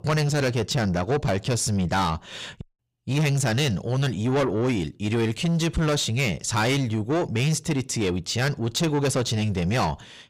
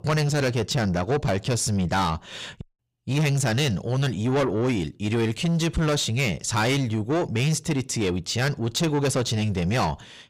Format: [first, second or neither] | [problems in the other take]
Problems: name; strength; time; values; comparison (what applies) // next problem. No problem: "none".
neither | distortion; heavy; 8 dB below the speech; the same in both